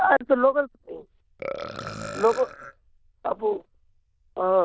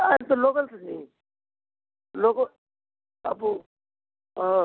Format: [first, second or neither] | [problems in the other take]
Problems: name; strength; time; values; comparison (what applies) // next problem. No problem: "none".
second | noise reduction (neural diffusion model UNIVERSE++)